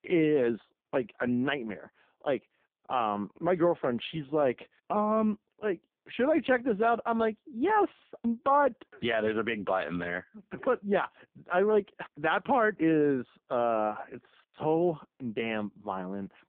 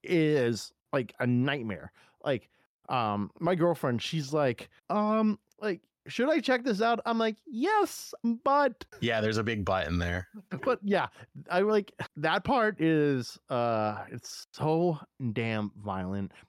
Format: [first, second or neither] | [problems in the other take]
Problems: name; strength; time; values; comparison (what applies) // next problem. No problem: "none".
second | phone-call audio; poor line